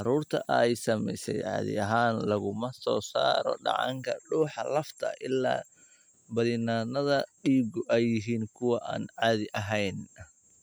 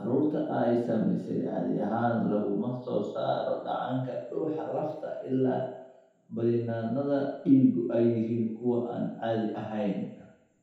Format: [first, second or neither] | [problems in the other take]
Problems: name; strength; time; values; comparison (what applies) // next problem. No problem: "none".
first | room echo; dies away in 0.8 s